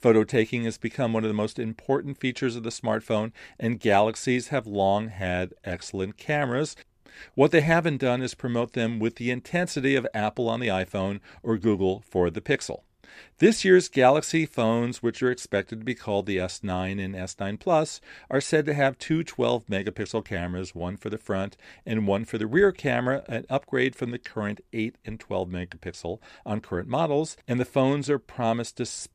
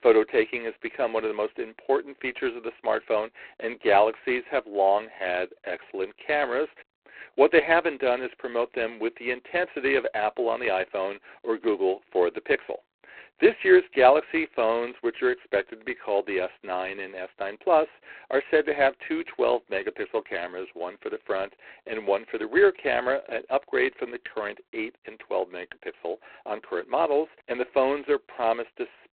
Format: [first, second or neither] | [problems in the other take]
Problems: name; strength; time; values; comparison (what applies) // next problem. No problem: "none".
first | phone-call audio; poor line; nothing above 4 kHz